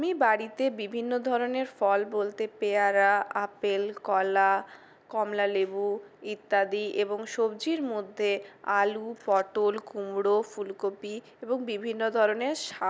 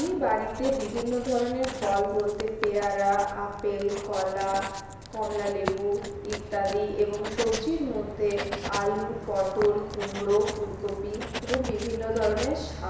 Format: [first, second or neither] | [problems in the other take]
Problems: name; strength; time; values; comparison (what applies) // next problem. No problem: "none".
first | background sound (Writing); 9 dB below the speech // room echo; dies away in 1 s